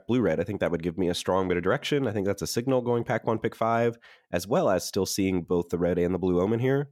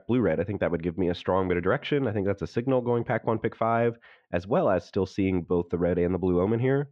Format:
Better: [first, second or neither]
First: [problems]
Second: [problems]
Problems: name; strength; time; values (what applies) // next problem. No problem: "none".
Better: first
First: none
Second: muffled; very; fading above 3 kHz